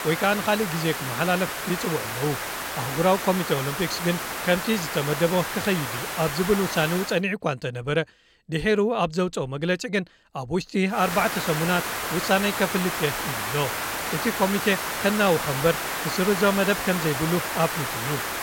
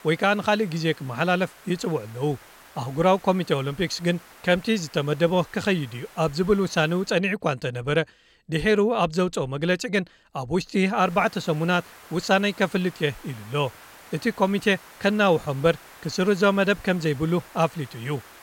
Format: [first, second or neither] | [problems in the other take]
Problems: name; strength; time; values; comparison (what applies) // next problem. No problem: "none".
second | hiss; loud; until 7 s and from 11 s on; 3 dB below the speech; faint in the second